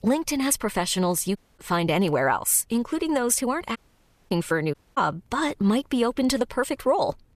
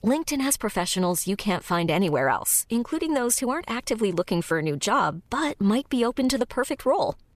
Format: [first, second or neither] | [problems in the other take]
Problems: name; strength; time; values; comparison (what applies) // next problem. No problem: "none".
second | audio cutting out; at 1.5 s, at 4 s for 0.5 s and at 4.5 s